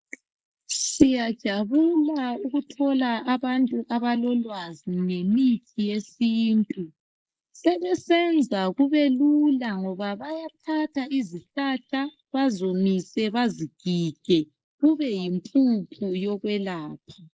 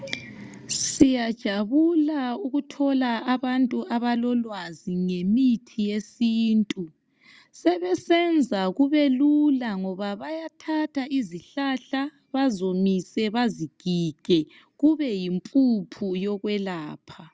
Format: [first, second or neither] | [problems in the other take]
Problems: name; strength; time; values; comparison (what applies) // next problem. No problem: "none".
second | noise reduction (neural mask model Resemble Enhance denoiser)